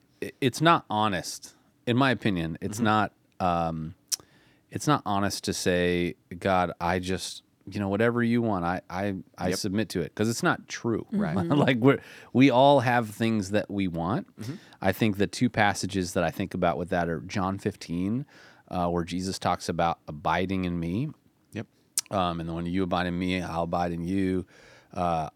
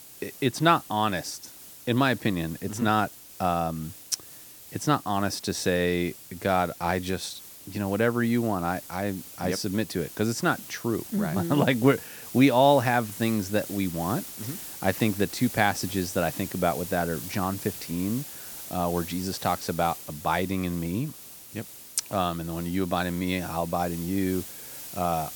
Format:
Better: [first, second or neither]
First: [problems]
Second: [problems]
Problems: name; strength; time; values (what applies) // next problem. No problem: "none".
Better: first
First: none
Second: hiss; noticeable; throughout; 10 dB below the speech